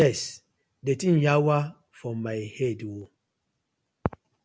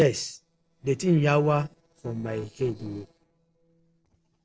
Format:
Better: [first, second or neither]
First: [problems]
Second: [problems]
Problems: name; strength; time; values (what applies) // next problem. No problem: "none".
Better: first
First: none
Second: noise reduction (neural separator model SepFormer DNS4)